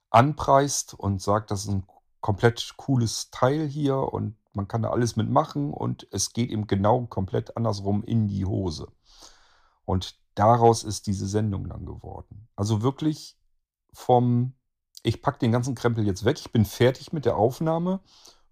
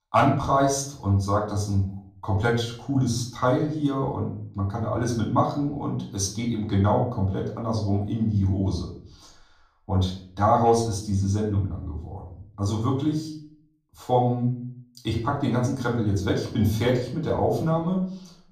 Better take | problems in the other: first | off-mic speech; far // room echo; slight; dies away in 0.5 s

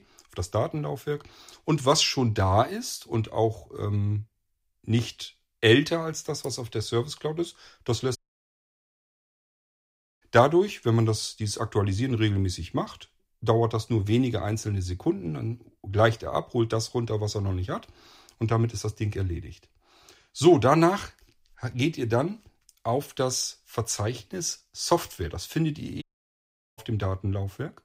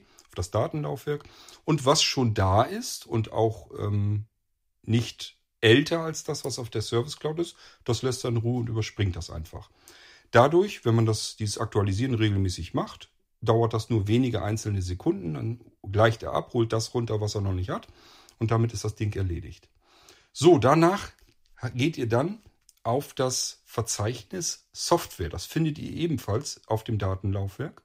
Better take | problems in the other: second | audio cutting out; at 8 s for 2 s and at 26 s for 1 s

